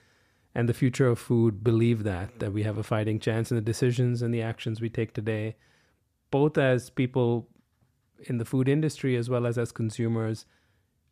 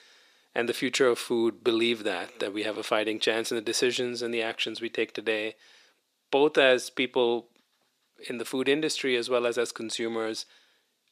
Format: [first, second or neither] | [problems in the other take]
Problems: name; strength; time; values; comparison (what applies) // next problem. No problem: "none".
first | thin; somewhat; fading below 350 Hz